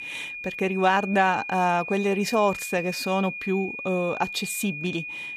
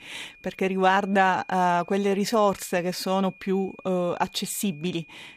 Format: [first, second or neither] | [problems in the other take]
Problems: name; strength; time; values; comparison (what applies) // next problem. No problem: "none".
second | high-pitched whine; loud; throughout; 2.5 kHz, 8 dB below the speech; faint in the second